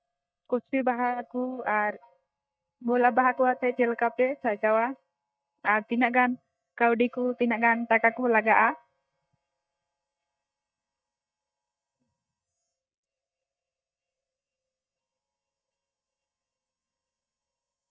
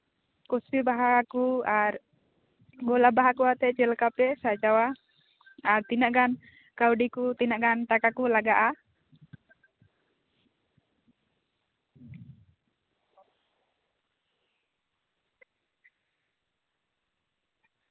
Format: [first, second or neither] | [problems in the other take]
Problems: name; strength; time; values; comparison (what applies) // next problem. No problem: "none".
second | noise reduction (neural mask model DeepFilterNet 3)